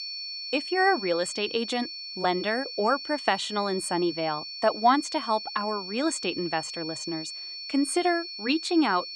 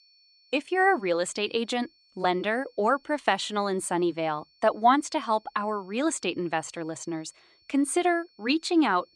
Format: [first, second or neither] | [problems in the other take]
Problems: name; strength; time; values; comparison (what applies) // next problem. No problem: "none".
second | high-pitched whine; loud; throughout; 4.5 kHz, 8 dB below the speech; faint in the second